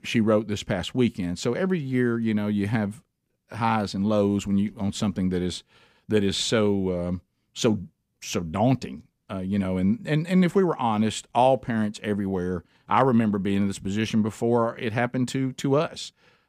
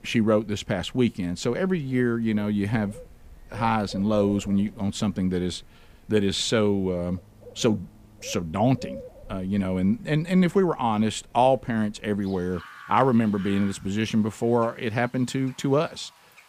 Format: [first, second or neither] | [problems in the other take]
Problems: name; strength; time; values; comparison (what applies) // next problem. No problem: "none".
first | animal sounds; faint; throughout; 20 dB below the speech